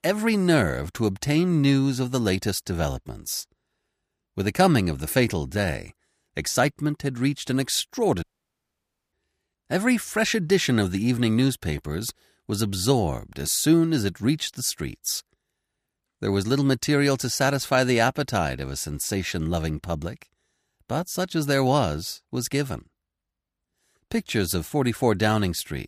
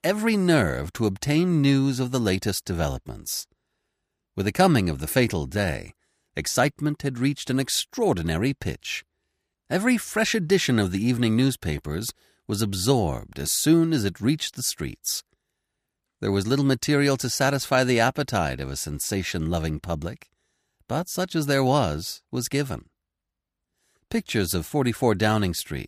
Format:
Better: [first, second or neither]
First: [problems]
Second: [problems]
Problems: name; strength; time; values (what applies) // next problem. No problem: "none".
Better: second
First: audio cutting out; at 8 s for 1 s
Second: none